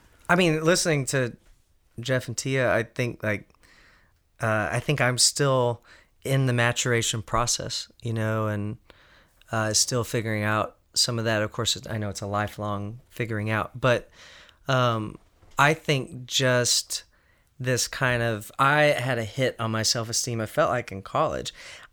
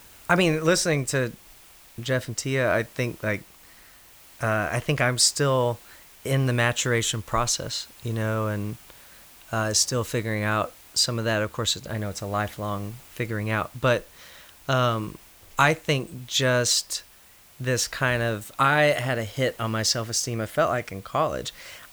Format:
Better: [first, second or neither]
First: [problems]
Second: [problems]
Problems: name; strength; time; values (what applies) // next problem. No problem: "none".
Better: first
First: none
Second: hiss; faint; throughout; 25 dB below the speech